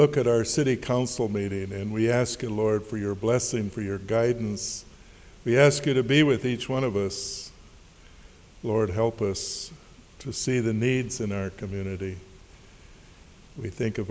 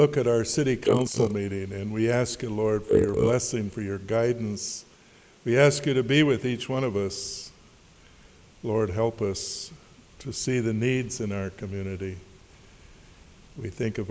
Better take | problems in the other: first | noise reduction (neural mask model Resemble Enhance denoiser)

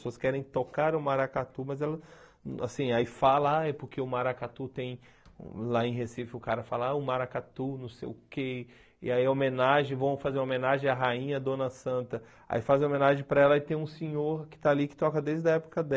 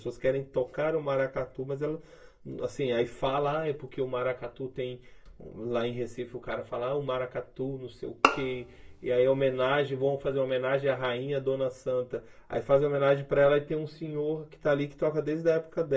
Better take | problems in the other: first | background sound (Bowed string instrument); 3 dB below the speech // room echo; dies away in 0.2 s

